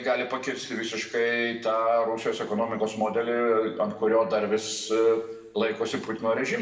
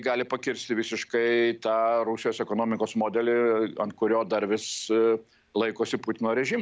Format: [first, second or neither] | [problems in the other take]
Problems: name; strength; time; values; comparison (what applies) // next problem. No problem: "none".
second | room echo; dies away in 0.8 s